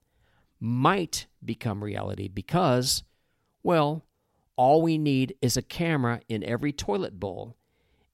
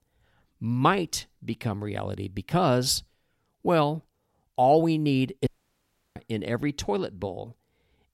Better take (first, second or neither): first